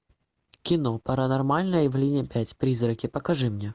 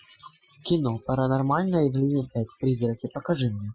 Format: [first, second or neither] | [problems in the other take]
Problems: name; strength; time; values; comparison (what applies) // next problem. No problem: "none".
first | noise reduction (classical method Wiener filter)